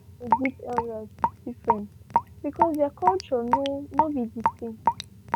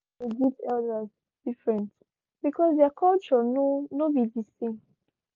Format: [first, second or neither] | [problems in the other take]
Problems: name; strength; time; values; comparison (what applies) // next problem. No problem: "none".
second | background sound (Raindrop / Drip); 2 dB above the speech